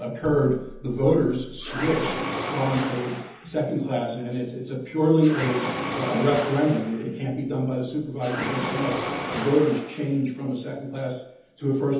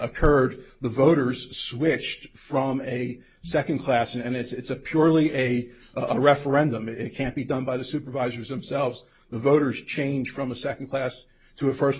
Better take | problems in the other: second | background sound (Mechanisms); 7 dB below the speech // room echo; dies away in 1.3 s

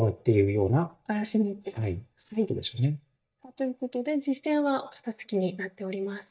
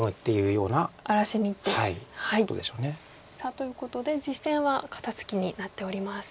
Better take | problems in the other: second | noise reduction (neural mask model DeepFilterNet 3)

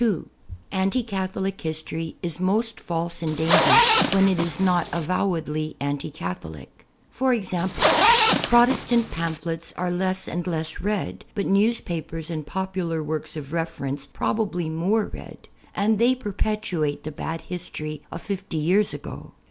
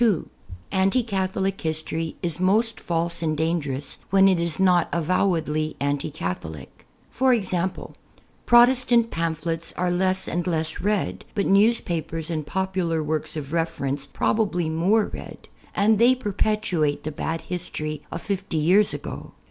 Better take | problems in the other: second | background sound (Zipper (clothing)); 2 dB above the speech

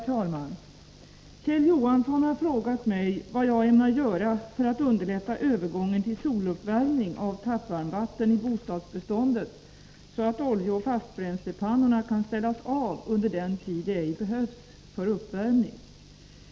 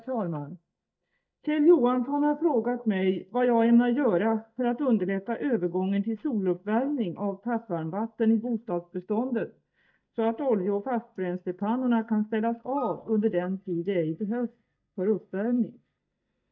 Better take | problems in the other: first | noise reduction (neural mask model DeepFilterNet 3)

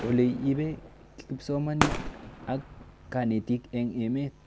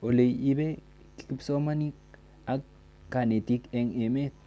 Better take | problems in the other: second | background sound (Fireworks); 7 dB below the speech

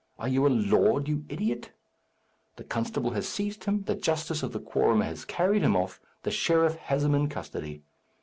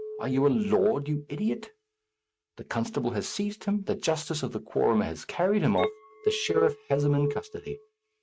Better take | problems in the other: first | noise reduction (neural mask model RNNoise)

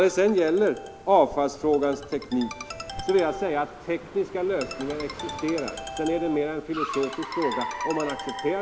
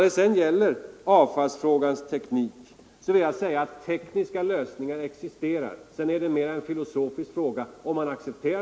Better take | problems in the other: second | background sound (Ringtone + Car); 10 dB below the speech

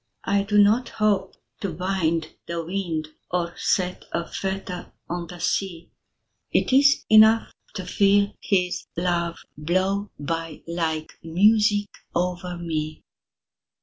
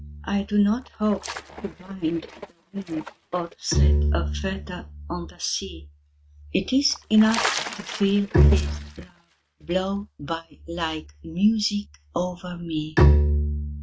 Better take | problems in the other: first | noise reduction (neural mask model RNNoise)

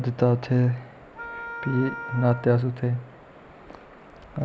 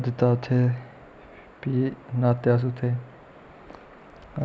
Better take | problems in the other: second | background sound (Wind instrument, woodwind instrument); 12 dB below the speech

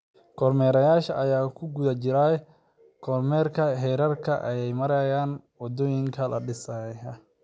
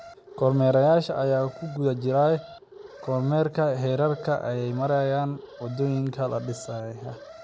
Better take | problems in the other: first | background sound (Alarm); 19 dB below the speech

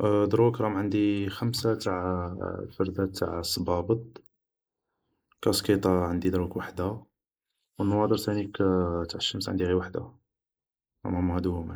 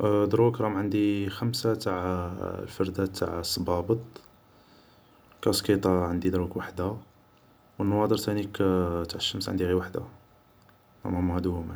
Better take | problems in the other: second | noise reduction (neural mask model Resemble Enhance denoiser)

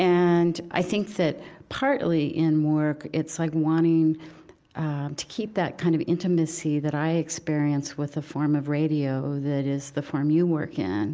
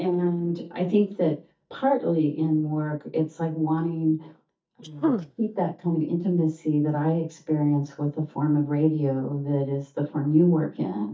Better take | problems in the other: first | noise reduction (neural mask model DeepFilterNet 3)

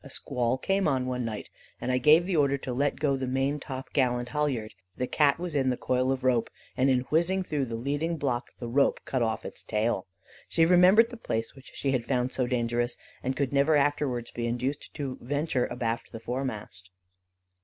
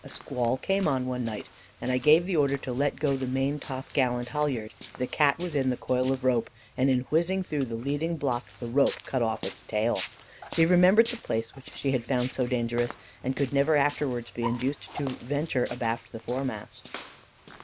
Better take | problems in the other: first | background sound (Walk, footsteps); 18 dB below the speech

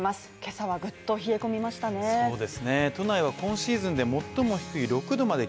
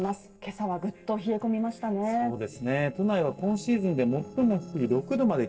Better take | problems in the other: first | noise reduction (neural separator model SepFormer DNS4)

